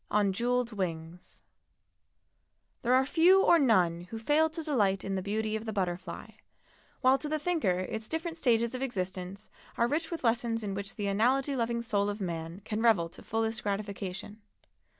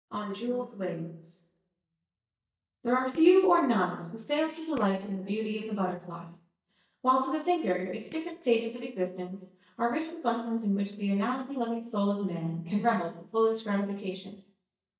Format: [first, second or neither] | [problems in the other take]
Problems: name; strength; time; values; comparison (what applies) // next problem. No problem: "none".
first | noise reduction (neural mask model DeepFilterNet 3)